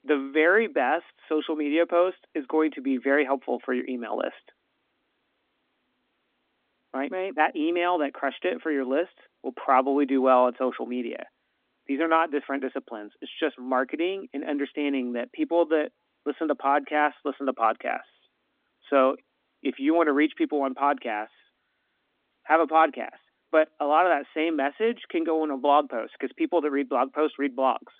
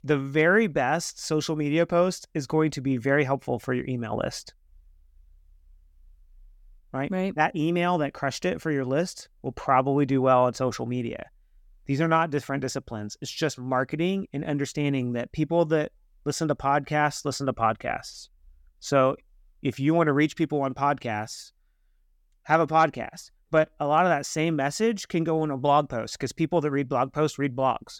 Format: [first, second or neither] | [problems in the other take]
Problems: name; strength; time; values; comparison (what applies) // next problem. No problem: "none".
second | phone-call audio; nothing above 3.5 kHz